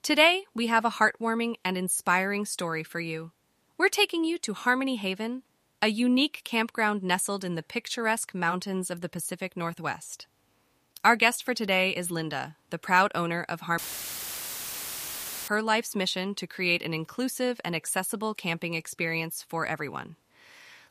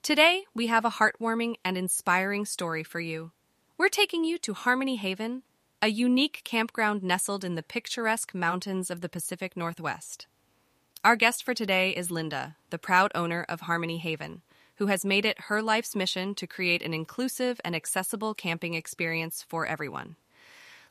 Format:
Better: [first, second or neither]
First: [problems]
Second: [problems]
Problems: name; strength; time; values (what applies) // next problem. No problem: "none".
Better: second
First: audio cutting out; filled with static; at 14 s for 1.5 s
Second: none